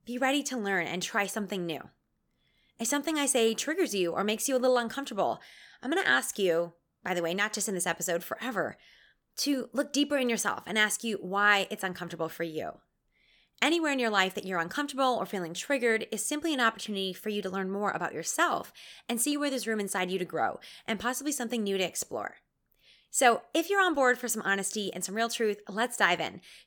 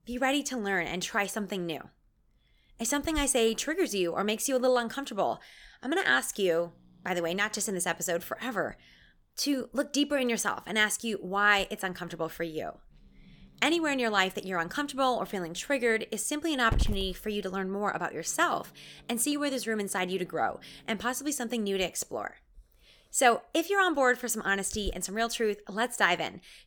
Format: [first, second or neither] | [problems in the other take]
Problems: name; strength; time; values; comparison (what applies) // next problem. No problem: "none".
first | hiss; noticeable; throughout; 15 dB below the speech